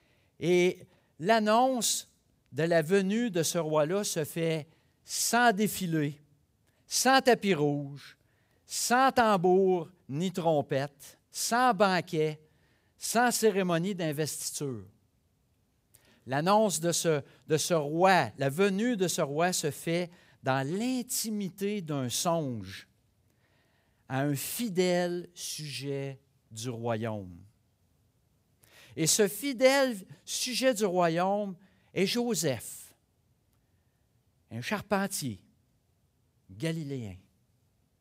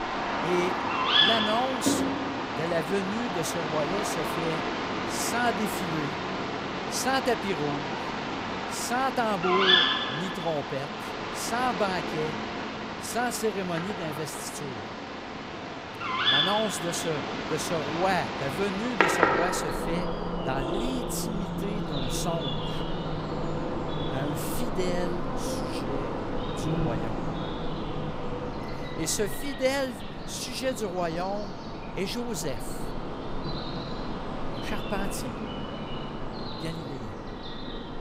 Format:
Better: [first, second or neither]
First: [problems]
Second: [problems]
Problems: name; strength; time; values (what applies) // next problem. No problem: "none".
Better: first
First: none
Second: animal sounds; very loud; throughout; 2 dB above the speech